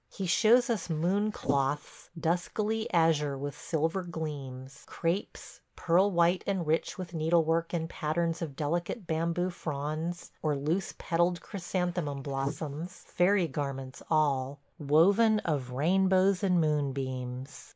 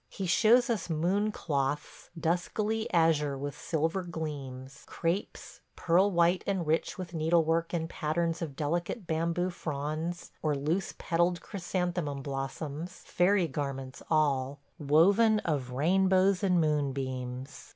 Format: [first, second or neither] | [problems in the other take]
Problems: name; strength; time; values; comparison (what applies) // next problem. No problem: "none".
second | noise reduction (neural mask model Resemble Enhance denoiser)